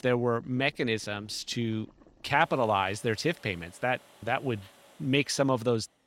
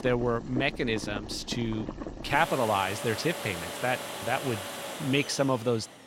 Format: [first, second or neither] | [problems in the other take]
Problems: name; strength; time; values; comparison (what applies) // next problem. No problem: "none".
first | household noises; loud; throughout; 8 dB below the speech; faint in the first